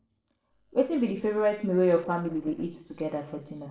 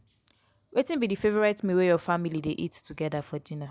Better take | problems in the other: second | noise reduction (neural separator model SepFormer DNS4)

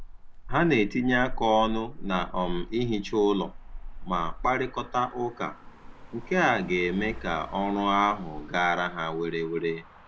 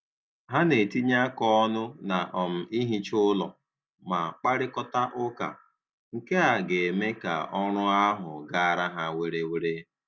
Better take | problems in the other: second | background sound (Motor vehicle (road)); 10 dB below the speech

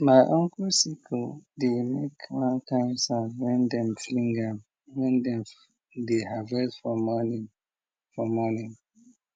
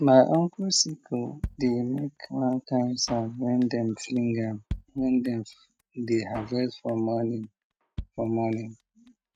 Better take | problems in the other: first | noise reduction (neural mask model RNNoise)

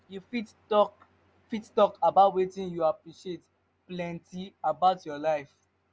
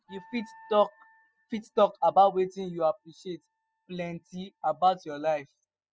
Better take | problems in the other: first | noise reduction (classical method spectral subtraction)

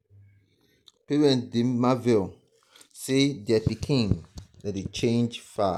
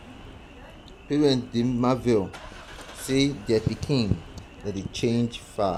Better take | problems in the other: first | background sound (Engine starting / Car); 17 dB below the speech

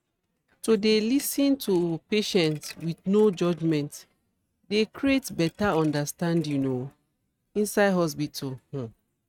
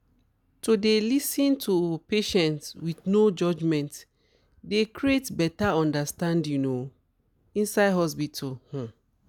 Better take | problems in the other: second | noise reduction (neural mask model RNNoise)

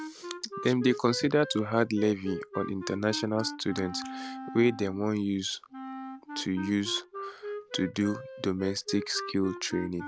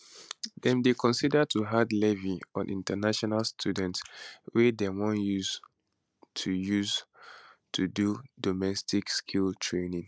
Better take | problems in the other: second | background sound (Wind instrument, woodwind instrument); 11 dB below the speech

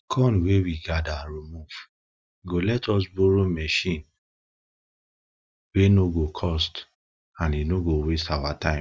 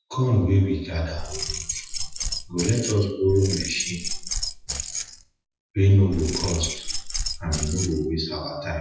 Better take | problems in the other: first | noise reduction (classical method WPE with log-MMSE)

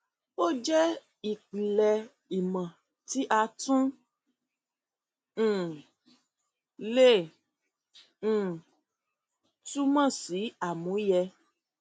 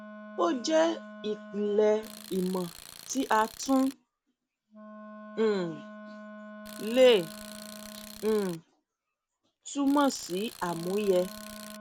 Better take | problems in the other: first | background sound (Tools + Wind instrument, woodwind instrument); 16 dB below the speech

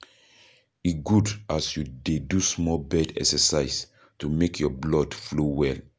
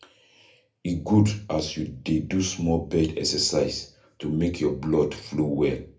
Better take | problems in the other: first | room echo; dies away in 0.3 s

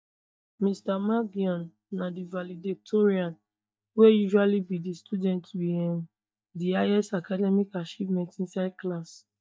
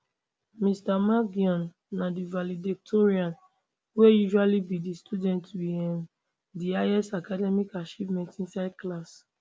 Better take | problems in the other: second | noise reduction (neural mask model DeepFilterNet 3)

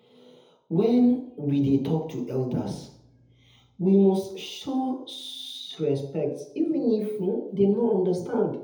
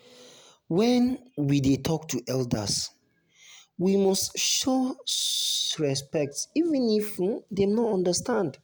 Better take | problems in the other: second | room echo; dies away in 0.7 s

